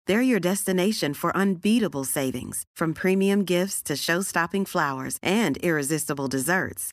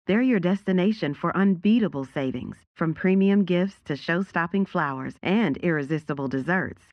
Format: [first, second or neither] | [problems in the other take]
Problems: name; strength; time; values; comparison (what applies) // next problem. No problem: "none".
first | muffled; slightly; fading above 3 kHz